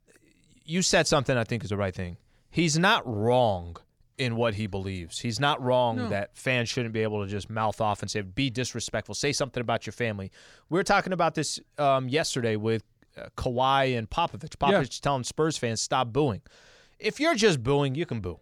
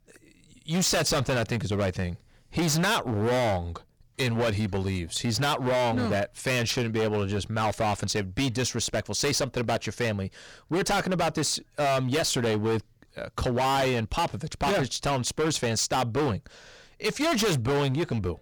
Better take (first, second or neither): first